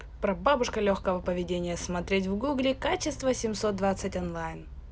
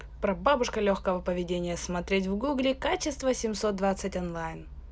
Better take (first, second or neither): second